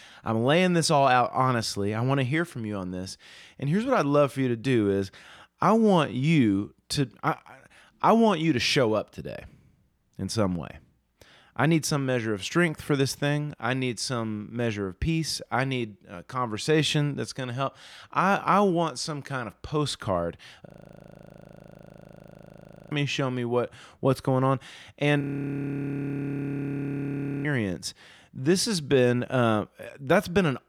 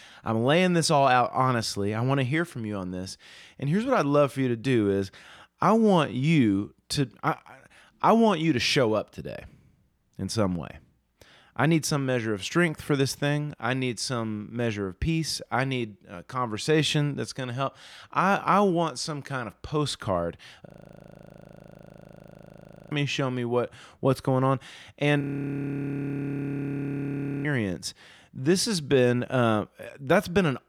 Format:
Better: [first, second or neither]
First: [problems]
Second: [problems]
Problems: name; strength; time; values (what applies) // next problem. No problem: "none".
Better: neither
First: audio freezing; at 21 s for 2 s and at 25 s for 2 s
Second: audio freezing; at 21 s for 2 s and at 25 s for 2 s